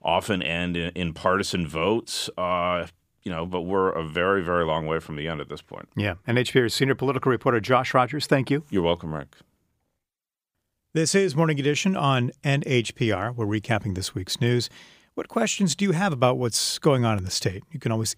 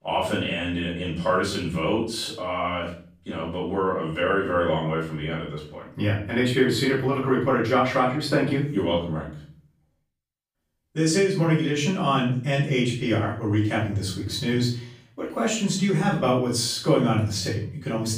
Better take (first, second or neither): first